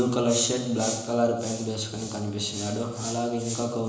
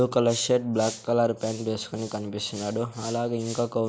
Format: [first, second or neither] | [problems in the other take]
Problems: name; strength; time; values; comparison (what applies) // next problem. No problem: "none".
second | room echo; dies away in 1 s